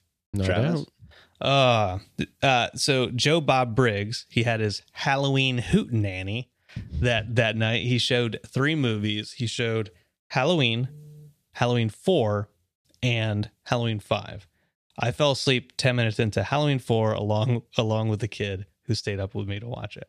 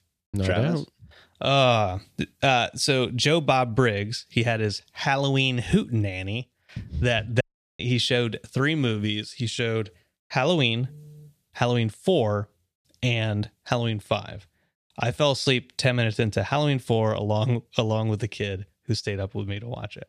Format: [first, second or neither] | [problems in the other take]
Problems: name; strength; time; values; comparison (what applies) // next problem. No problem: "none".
first | audio cutting out; at 7.5 s